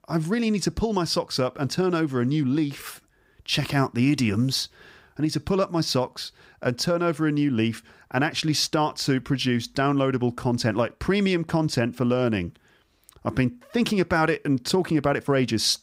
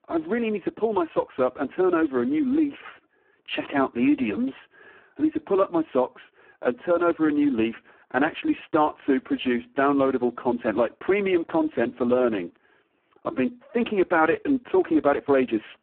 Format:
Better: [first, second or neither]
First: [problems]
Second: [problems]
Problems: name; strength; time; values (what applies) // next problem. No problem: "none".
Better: first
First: none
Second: phone-call audio; poor line